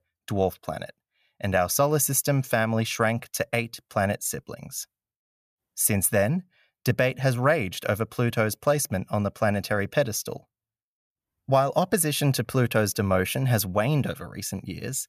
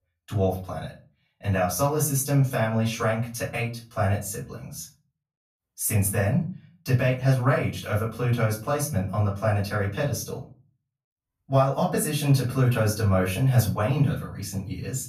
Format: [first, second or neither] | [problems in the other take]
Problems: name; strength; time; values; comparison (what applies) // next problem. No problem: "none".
first | off-mic speech; far // room echo; slight; dies away in 0.4 s